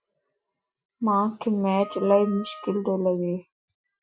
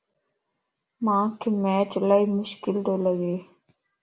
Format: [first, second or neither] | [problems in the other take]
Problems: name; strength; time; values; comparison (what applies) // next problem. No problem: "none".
second | noise reduction (classical method Wiener filter)